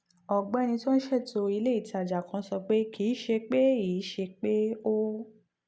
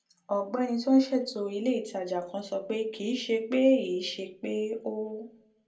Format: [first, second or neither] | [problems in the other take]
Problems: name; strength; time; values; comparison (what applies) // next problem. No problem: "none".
first | room echo; dies away in 0.2 s